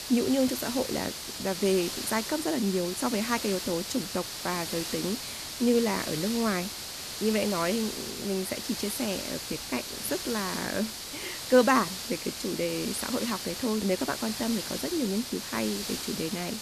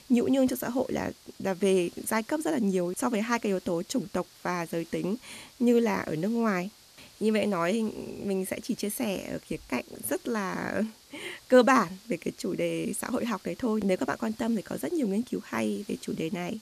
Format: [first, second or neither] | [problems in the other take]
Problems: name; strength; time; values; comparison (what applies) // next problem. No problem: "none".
second | hiss; loud; throughout; 5 dB below the speech; faint in the second